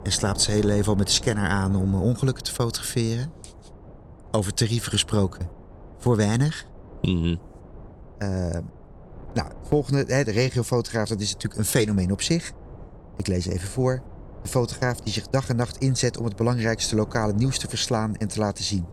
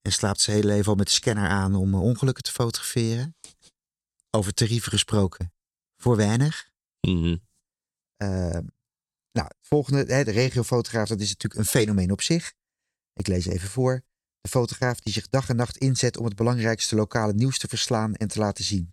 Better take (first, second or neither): second